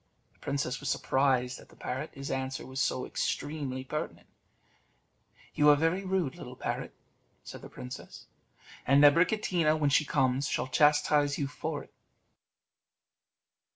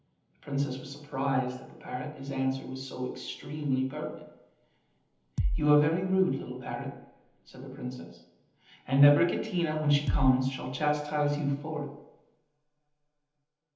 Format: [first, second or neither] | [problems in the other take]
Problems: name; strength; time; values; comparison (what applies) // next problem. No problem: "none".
first | background sound (Bass drum); 2 dB above the speech // room echo; dies away in 0.9 s